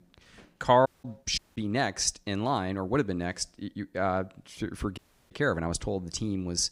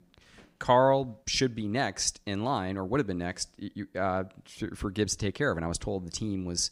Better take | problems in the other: second | audio cutting out; at 1 s, at 1.5 s and at 5 s

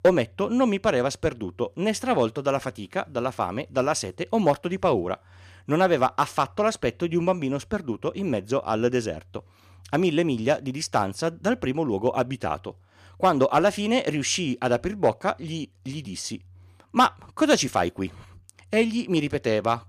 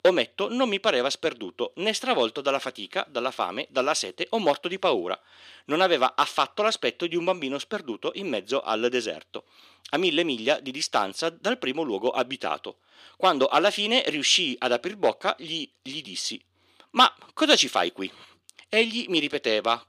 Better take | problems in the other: first | thin; very slightly; fading below 350 Hz

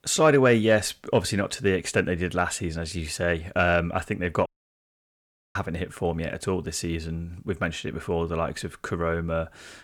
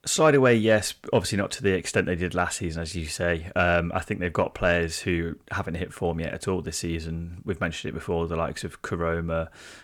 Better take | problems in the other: second | audio cutting out; at 4.5 s for 1 s

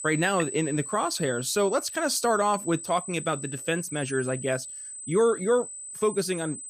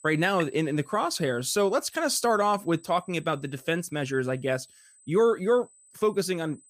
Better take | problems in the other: second | high-pitched whine; loud; throughout; 8 kHz, 9 dB below the speech; faint in the second

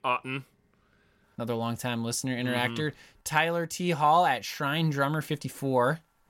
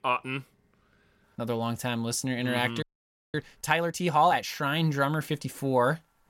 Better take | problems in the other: first | audio freezing; at 3 s for 0.5 s

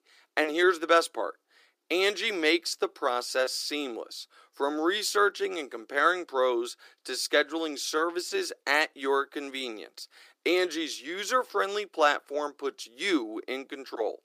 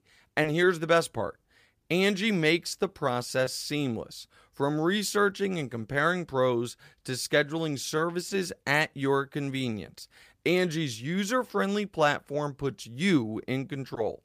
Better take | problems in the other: second | thin; somewhat; fading below 300 Hz

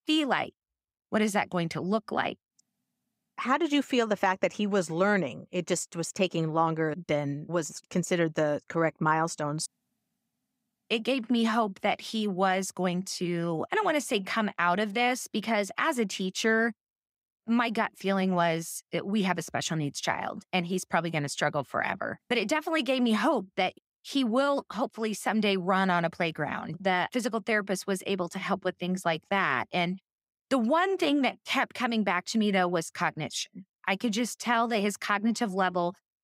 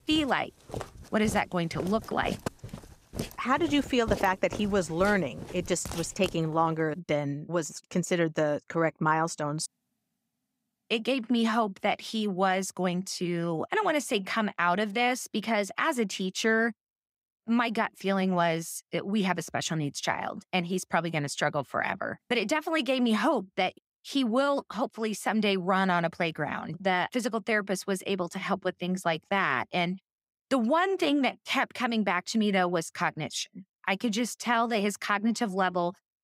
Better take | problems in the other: first | footsteps; noticeable; until 7 s; peak 8 dB below the speech

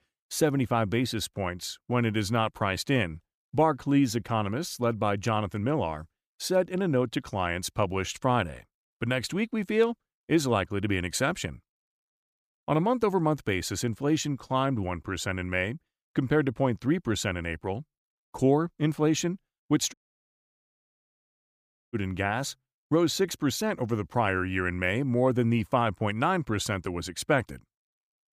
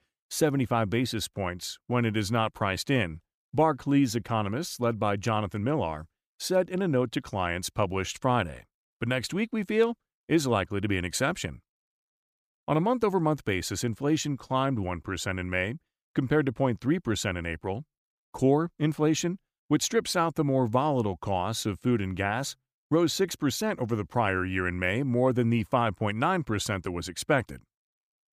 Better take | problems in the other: second | audio cutting out; at 20 s for 2 s

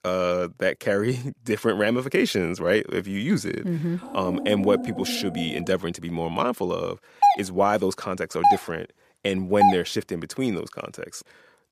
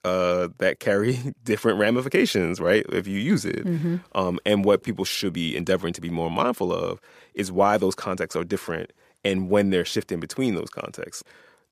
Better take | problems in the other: second | dog barking; noticeable; from 4 to 5.5 s; peak 5 dB below the speech // doorbell; loud; from 7 to 9.5 s; peak 5 dB above the speech

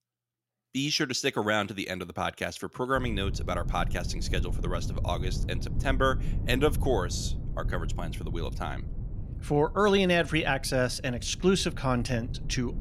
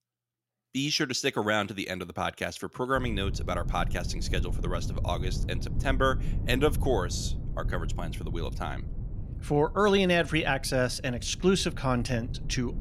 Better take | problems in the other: neither | low rumble; noticeable; from 3 s on; 20 dB below the speech; the same in both

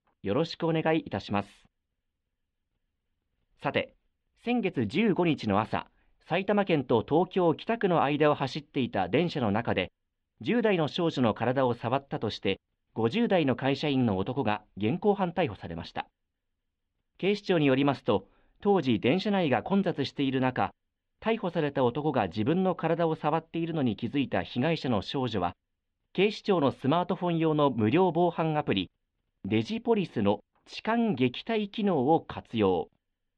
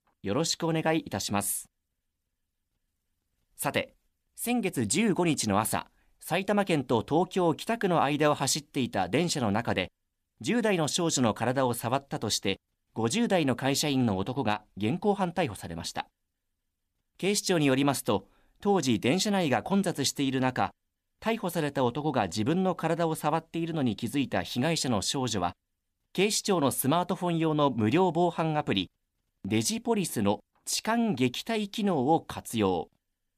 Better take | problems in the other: second | muffled; slightly; fading above 3 kHz

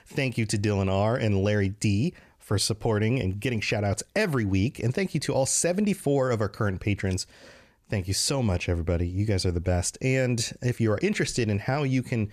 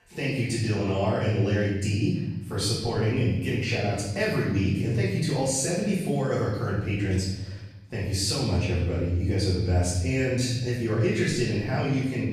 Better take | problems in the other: first | room echo; noticeable; dies away in 1 s // off-mic speech; far

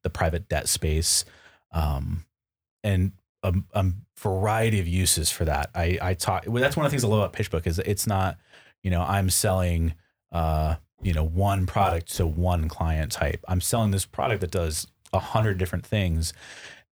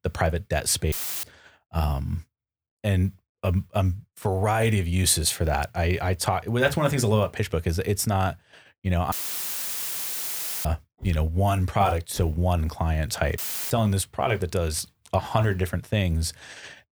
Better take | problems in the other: first | audio cutting out; filled with static; at 1 s, at 9 s for 1.5 s and at 13 s

